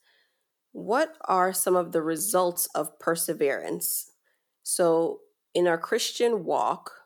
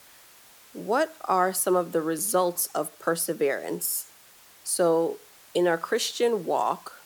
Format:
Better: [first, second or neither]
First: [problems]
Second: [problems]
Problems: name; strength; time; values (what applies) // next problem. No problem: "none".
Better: first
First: none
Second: hiss; faint; throughout; 25 dB below the speech